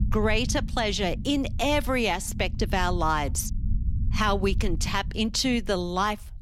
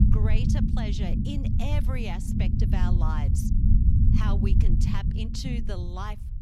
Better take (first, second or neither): first